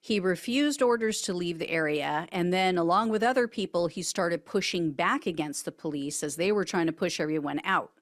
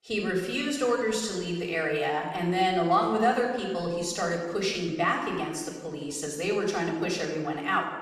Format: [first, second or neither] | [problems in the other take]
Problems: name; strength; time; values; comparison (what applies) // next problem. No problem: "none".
first | room echo; noticeable; dies away in 1.1 s // off-mic speech; somewhat distant